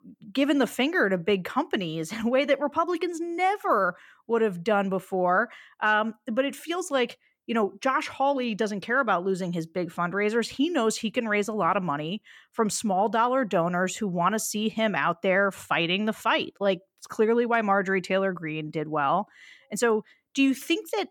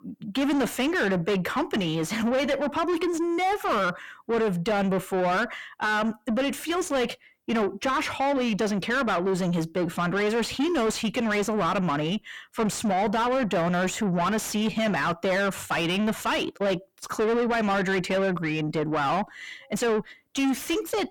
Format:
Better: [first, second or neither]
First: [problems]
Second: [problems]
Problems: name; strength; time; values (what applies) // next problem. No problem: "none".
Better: first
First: none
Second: distortion; heavy; 6 dB below the speech